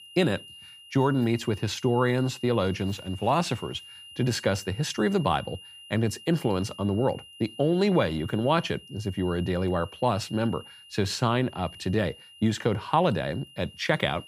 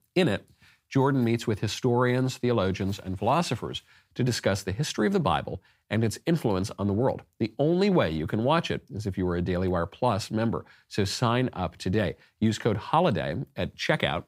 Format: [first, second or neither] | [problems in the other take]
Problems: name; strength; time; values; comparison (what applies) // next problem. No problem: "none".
second | high-pitched whine; noticeable; throughout; 3 kHz, 20 dB below the speech